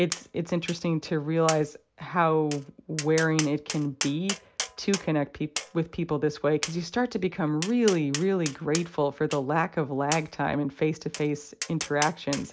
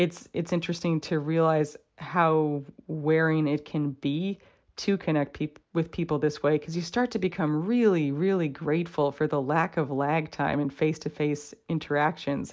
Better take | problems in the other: second | background sound (Tap); 11 dB below the speech

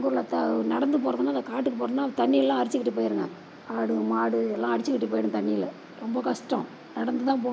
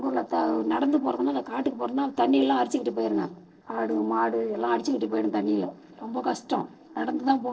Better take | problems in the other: first | noise reduction (neural separator model SepFormer DNS4)

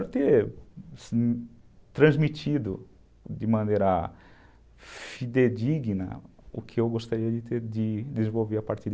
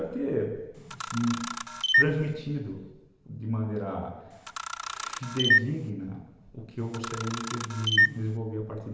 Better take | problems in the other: first | background sound (Camera); 4 dB above the speech // room echo; dies away in 1.1 s

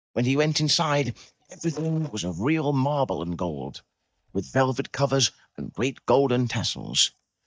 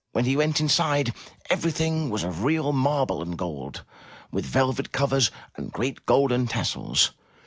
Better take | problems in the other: second | noise reduction (neural mask model DeepFilterNet 3)

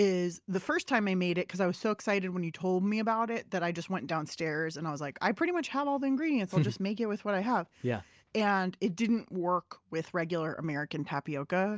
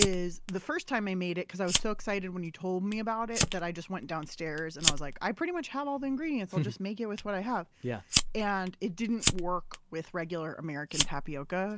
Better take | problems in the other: first | background sound (Fire); 2 dB below the speech

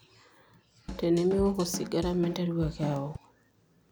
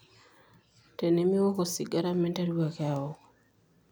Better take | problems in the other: second | background sound (Drum kit); 9 dB below the speech

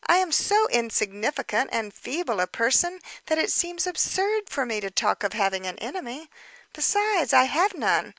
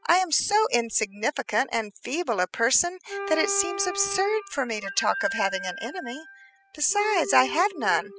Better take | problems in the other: first | noise reduction (classical method spectral subtraction)

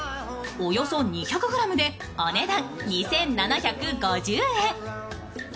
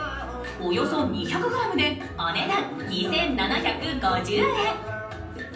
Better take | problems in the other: first | room echo; dies away in 0.6 s

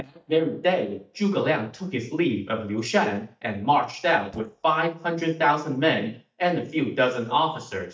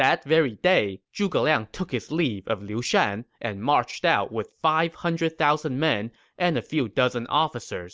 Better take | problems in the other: second | noise reduction (neural mask model DeepFilterNet 3)

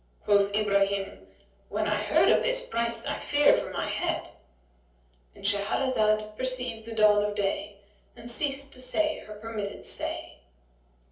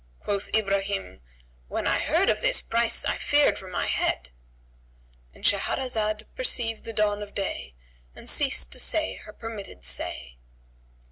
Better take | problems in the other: second | room echo; dies away in 0.5 s

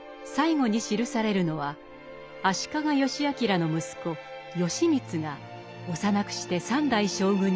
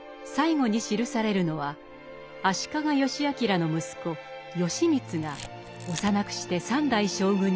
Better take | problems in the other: first | background sound (Camera); 18 dB below the speech

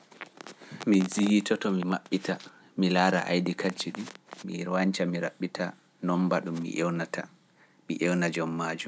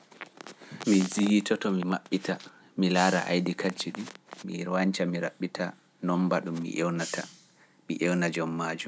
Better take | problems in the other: first | background sound (Hiss); 19 dB below the speech

